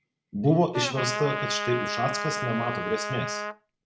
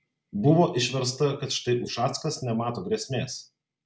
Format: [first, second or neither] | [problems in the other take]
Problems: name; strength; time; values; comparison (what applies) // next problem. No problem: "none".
second | background sound (Trumpet); 4 dB below the speech